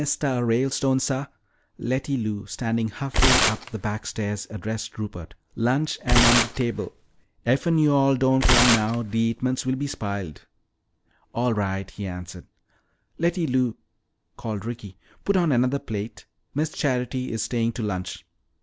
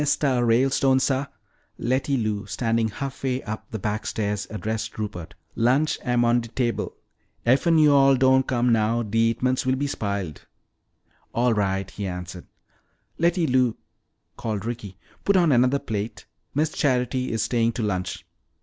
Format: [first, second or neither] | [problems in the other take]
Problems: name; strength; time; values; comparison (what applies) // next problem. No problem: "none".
second | background sound (Tearing); 3 dB above the speech